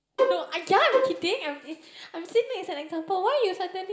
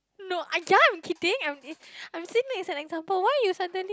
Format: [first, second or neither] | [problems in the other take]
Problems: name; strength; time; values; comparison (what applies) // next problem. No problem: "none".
second | background sound (Bowed string instrument); 1 dB above the speech // room echo; dies away in 2 s